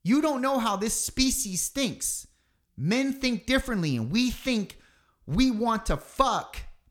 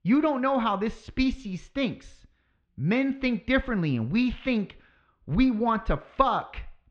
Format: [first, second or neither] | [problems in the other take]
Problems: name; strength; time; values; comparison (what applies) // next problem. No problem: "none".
first | muffled; very; fading above 3 kHz